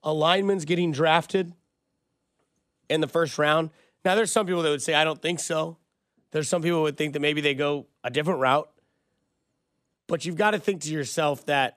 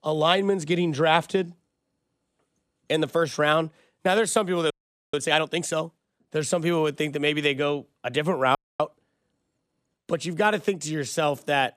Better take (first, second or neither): first